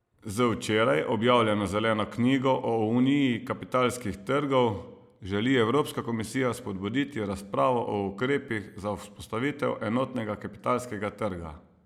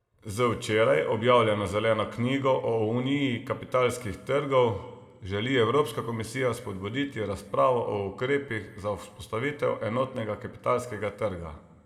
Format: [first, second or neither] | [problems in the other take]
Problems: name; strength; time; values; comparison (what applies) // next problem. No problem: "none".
first | room echo; dies away in 1.3 s